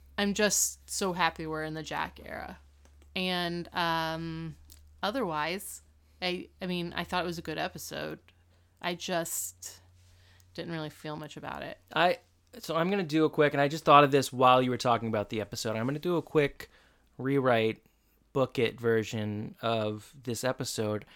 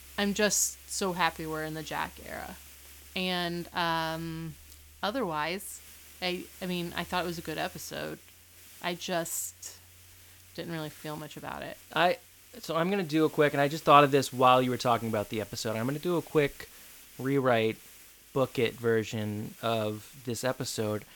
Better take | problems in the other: first | hiss; noticeable; throughout; 20 dB below the speech

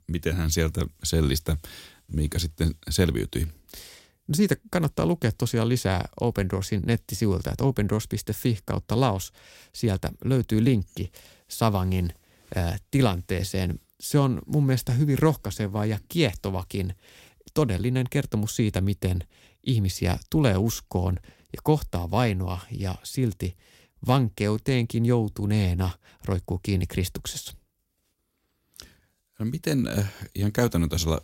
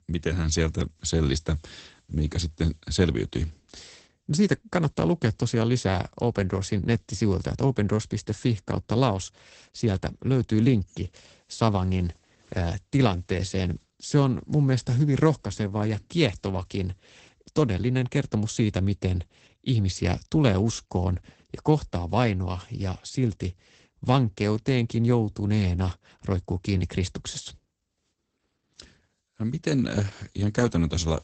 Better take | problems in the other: first | garbled, watery; badly; nothing above 8 kHz

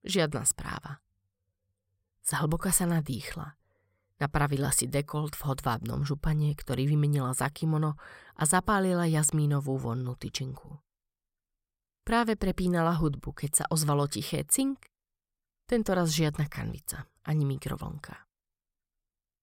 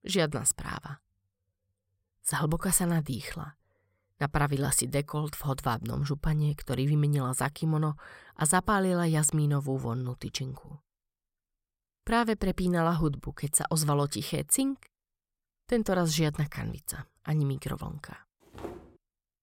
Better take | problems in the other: first | footsteps; faint; at 19 s; peak 15 dB below the speech

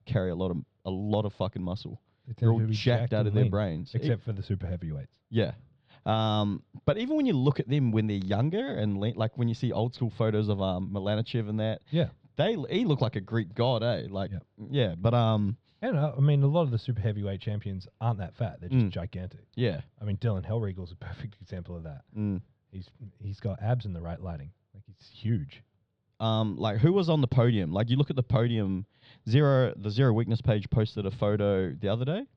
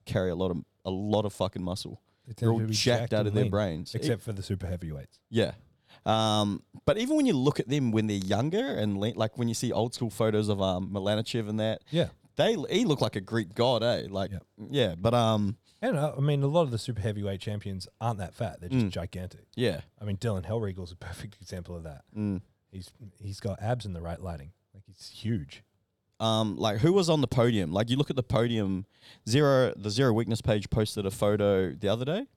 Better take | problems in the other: second | muffled; slightly; fading above 4 kHz

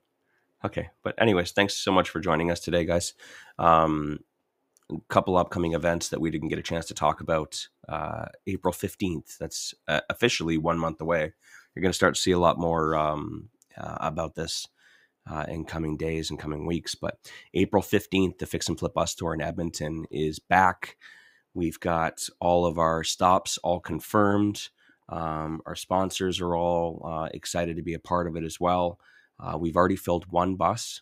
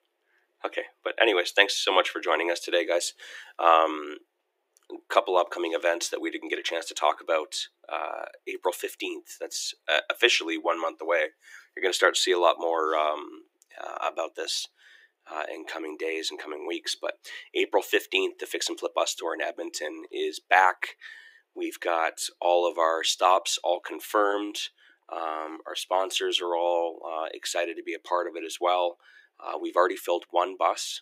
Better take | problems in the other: first | thin; very; fading below 350 Hz

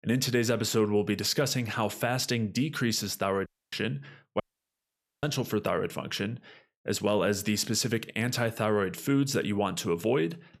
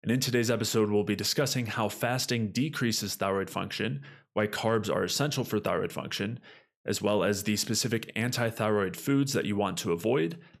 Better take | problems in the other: second | audio cutting out; at 3.5 s and at 4.5 s for 1 s

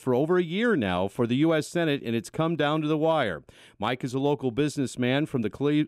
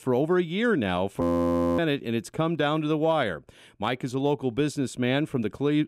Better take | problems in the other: first | audio freezing; at 1 s for 0.5 s

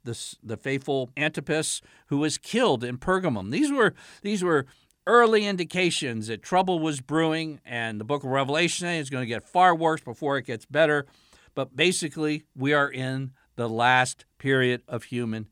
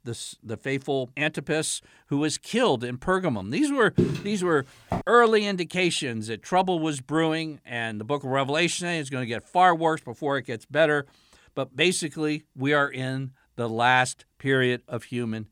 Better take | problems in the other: first | footsteps; noticeable; from 4 to 5 s; peak 1 dB below the speech

